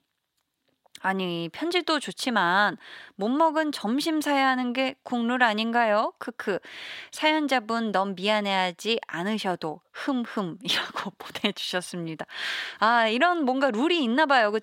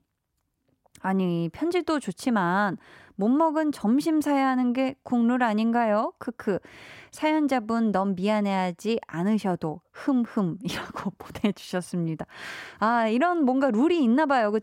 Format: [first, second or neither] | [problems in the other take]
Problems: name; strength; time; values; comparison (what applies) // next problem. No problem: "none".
second | thin; very slightly; fading below 500 Hz